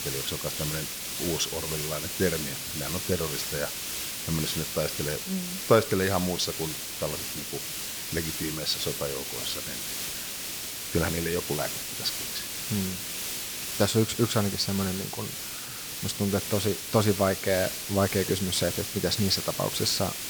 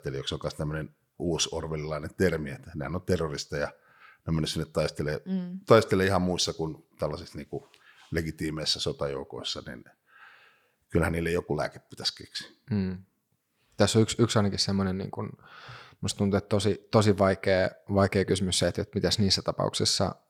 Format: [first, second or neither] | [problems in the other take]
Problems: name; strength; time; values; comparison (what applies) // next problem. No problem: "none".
second | hiss; loud; throughout; 2 dB below the speech